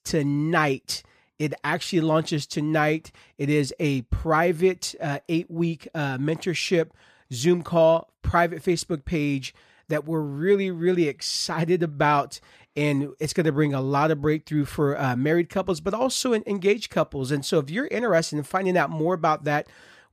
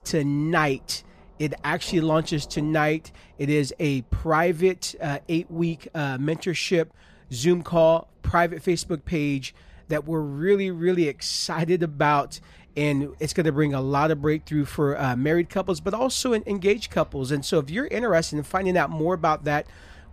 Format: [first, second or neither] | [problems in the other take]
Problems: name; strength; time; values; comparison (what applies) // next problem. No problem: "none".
first | rain or running water; faint; throughout; 25 dB below the speech